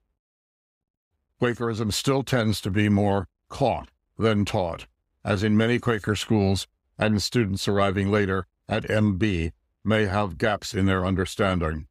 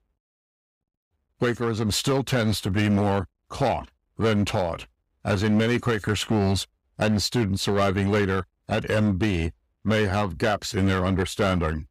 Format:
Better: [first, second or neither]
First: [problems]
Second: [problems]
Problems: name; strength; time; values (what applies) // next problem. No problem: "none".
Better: first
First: none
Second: distortion; slight; 7% of the sound clipped